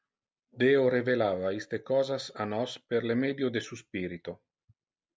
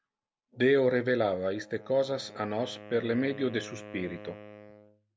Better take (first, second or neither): first